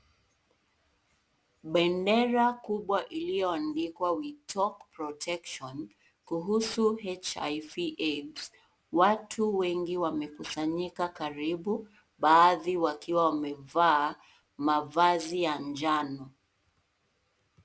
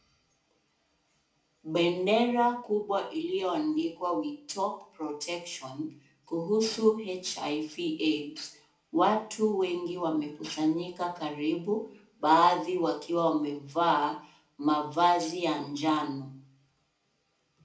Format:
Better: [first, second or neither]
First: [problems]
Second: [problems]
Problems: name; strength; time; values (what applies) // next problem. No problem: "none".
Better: first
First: none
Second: room echo; dies away in 0.4 s